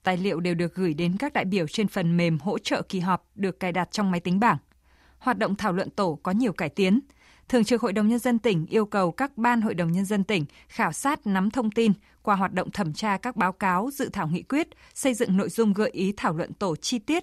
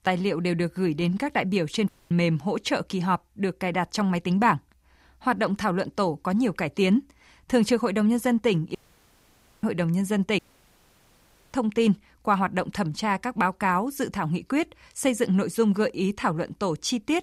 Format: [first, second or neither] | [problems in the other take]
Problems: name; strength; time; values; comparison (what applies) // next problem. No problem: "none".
first | audio cutting out; at 2 s, at 9 s for 1 s and at 10 s for 1 s